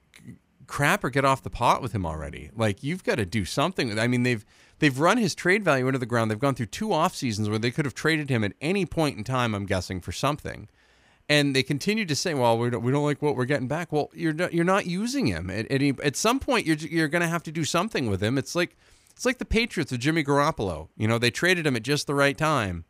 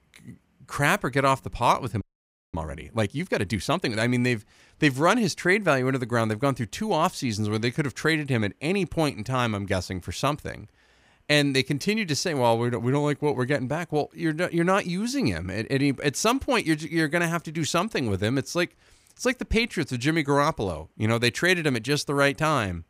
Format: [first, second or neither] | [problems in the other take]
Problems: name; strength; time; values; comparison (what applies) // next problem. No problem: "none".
first | audio freezing; at 2 s for 0.5 s